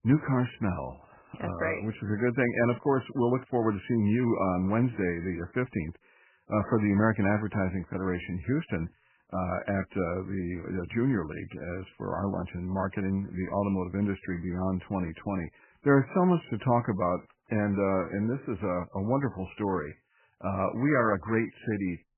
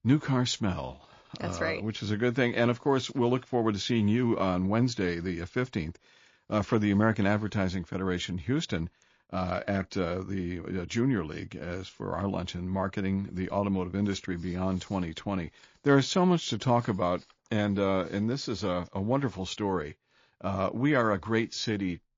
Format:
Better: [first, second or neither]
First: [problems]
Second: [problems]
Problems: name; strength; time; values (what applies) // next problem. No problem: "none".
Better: second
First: garbled, watery; badly; nothing above 2.5 kHz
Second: garbled, watery; slightly